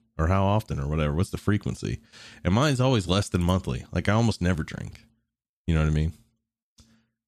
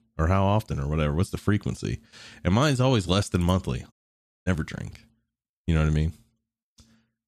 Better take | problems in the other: first | audio cutting out; at 4 s for 0.5 s

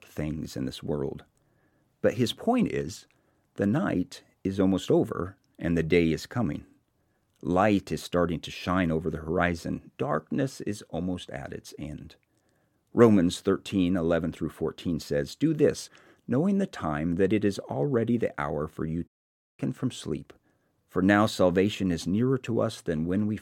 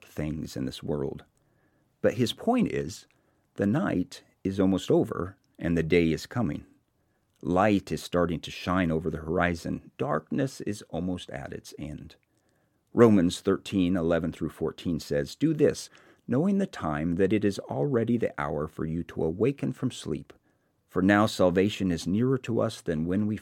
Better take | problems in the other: second | audio cutting out; at 19 s for 0.5 s

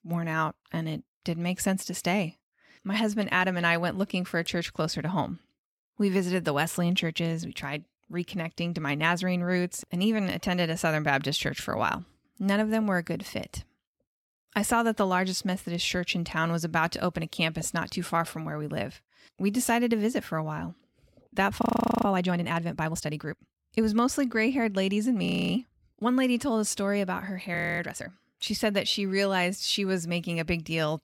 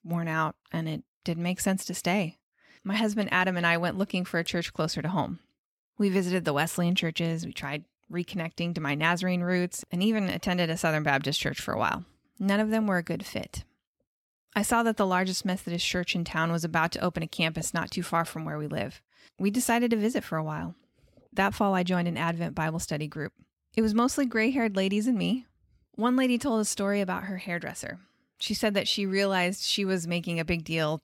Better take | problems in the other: second | audio freezing; at 22 s, at 25 s and at 28 s

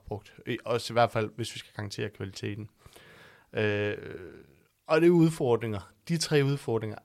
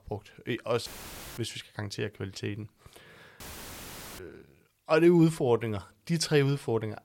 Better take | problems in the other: first | audio cutting out; filled with static; at 1 s for 0.5 s and at 3.5 s for 1 s

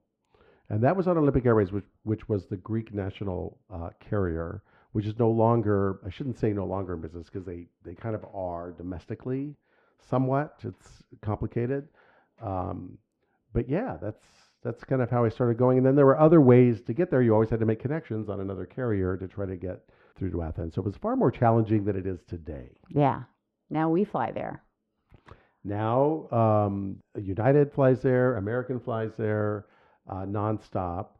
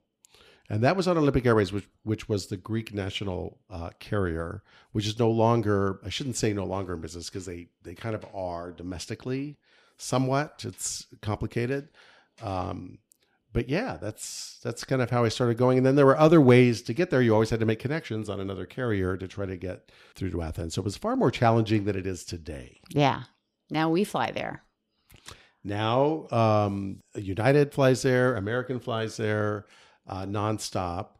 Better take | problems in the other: second | muffled; very; fading above 3.5 kHz

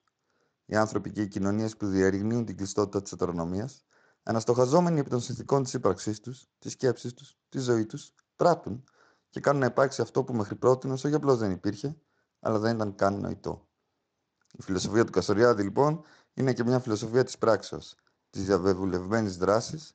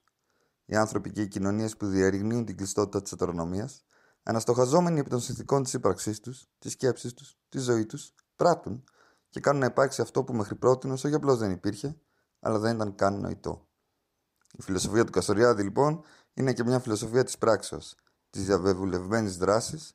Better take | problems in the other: second | garbled, watery; slightly; nothing above 7.5 kHz

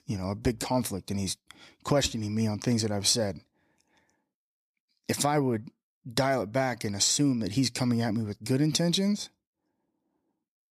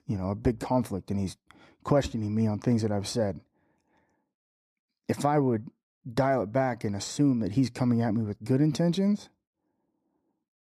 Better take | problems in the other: first | muffled; slightly; fading above 2 kHz

